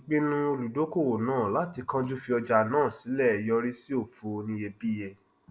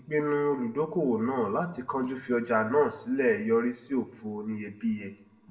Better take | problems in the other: first | room echo; dies away in 0.8 s

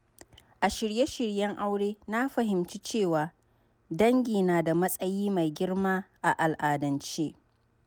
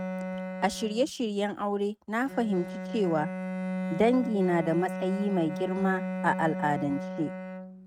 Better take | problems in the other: first | noise reduction (neural mask model RNNoise)

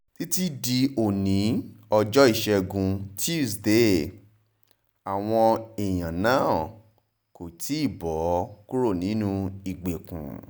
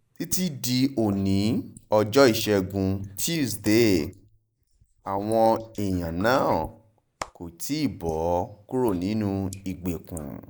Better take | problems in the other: first | noise reduction (neural mask model Resemble Enhance denoiser)

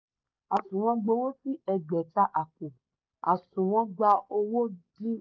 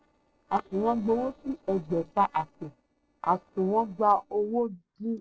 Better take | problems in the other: first | noise reduction (neural separator model SepFormer DNS4)

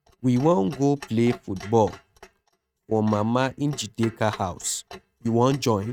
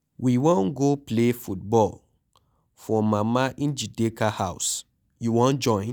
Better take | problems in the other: second | noise reduction (neural mask model RNNoise)

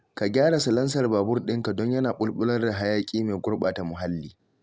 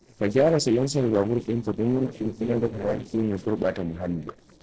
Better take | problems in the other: first | noise reduction (neural separator model SepFormer DNS4)

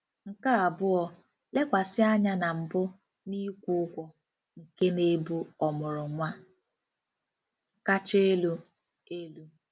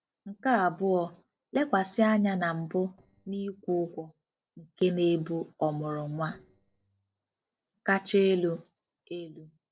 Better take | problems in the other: first | noise reduction (neural separator model SepFormer DNS4)

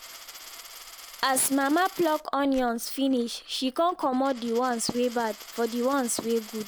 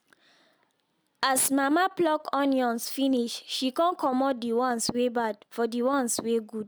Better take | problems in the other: second | background sound (Coin (dropping)); 18 dB below the speech

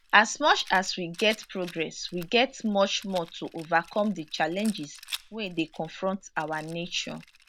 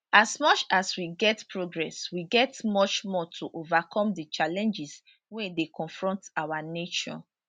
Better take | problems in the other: second | background sound (Rattle); 19 dB below the speech

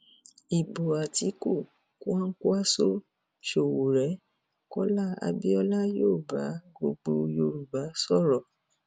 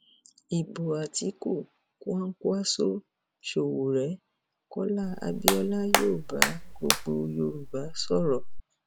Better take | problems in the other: first | background sound (Hands); as loud as the speech

